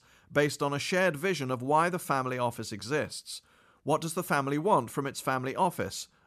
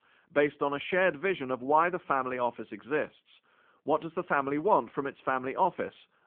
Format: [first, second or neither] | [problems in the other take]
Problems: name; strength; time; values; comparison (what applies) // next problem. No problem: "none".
first | phone-call audio; nothing above 3.5 kHz